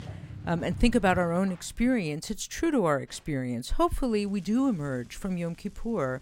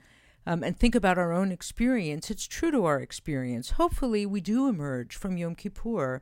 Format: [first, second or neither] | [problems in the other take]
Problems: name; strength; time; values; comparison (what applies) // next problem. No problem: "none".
second | household noises; noticeable; throughout; 15 dB below the speech